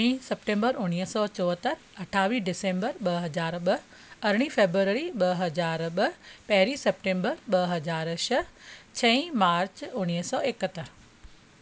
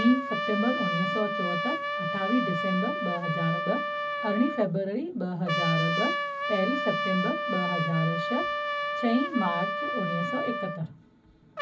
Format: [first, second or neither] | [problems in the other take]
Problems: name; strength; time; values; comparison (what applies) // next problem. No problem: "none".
first | background sound (Trumpet); 1 dB below the speech // room echo; dies away in 0.4 s